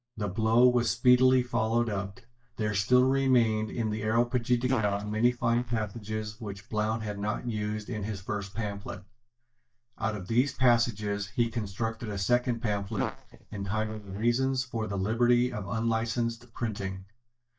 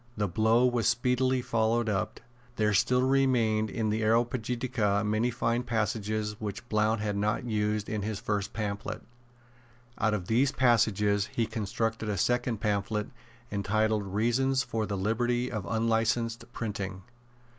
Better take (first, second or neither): second